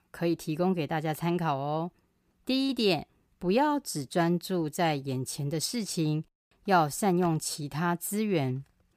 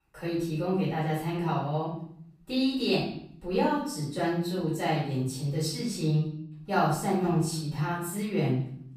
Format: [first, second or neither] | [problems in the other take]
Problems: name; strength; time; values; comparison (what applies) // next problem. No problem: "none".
first | off-mic speech; far // room echo; noticeable; dies away in 0.7 s